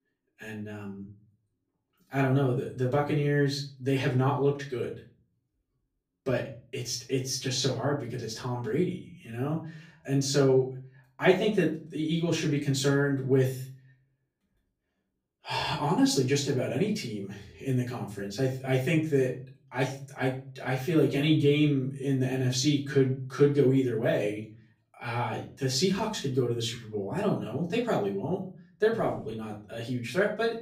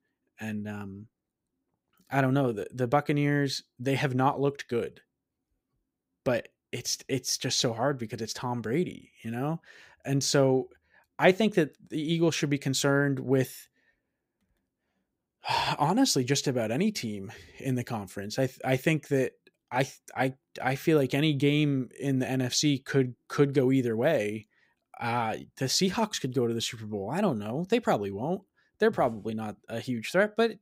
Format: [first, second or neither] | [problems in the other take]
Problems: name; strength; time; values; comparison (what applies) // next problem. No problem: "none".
second | room echo; slight; dies away in 0.4 s // off-mic speech; far